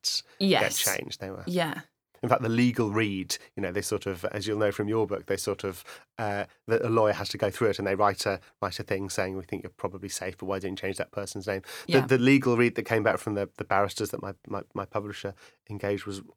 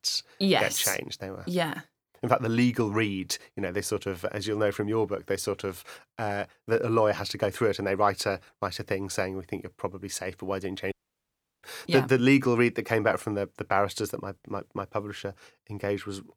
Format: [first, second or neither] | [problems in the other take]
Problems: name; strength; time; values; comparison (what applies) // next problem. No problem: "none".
first | audio cutting out; at 11 s for 0.5 s